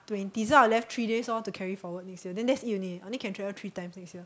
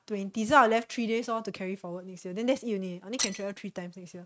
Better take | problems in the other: first | noise reduction (neural mask model RNNoise)

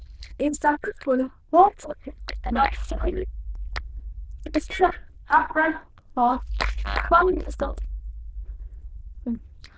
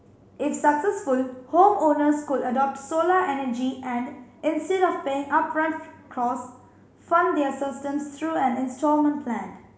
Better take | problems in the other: second | noise reduction (neural diffusion model UNIVERSE++)

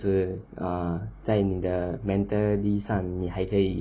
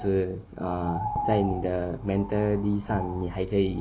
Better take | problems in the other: first | background sound (Bird); 9 dB below the speech

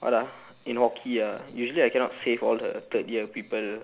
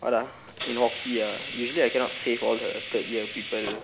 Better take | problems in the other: first | background sound (Hiss); 9 dB below the speech

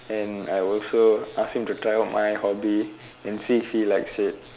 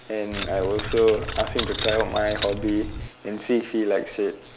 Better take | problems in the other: first | background sound (Keys jangling); 6 dB below the speech

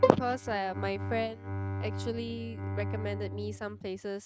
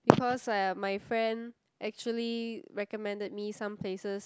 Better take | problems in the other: second | noise reduction (neural mask model RNNoise)

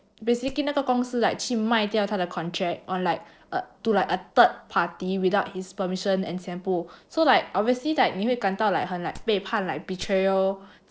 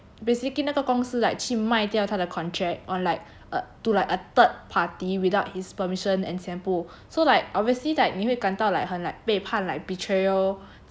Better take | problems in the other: second | noise reduction (neural separator model SepFormer DNS4)

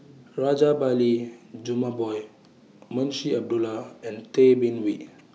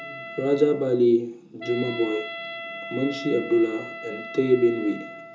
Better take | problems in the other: first | background sound (Wind instrument, woodwind instrument); 12 dB below the speech // room echo; dies away in 0.2 s

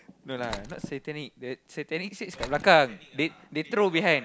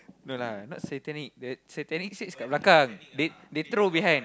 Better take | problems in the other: second | background sound (Slam); 19 dB below the speech

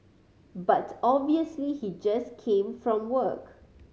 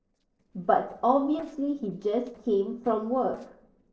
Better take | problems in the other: first | noise reduction (neural separator model SepFormer DNS4)

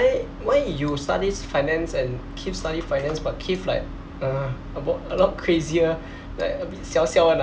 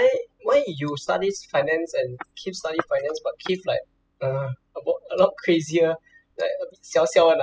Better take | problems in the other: first | noise reduction (classical method spectral subtraction)

